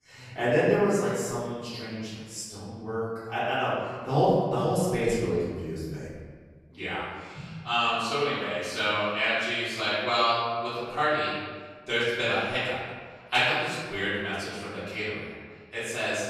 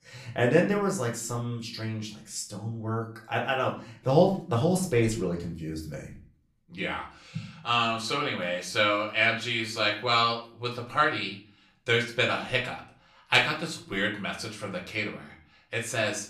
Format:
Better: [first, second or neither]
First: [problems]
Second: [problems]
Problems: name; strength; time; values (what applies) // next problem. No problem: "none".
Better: second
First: room echo; strong; dies away in 1.5 s // off-mic speech; far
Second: room echo; slight; dies away in 0.4 s // off-mic speech; far